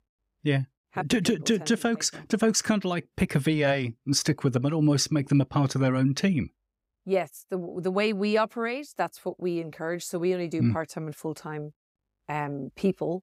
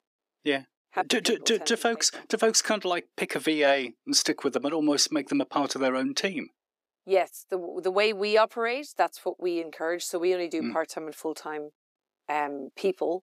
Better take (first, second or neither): first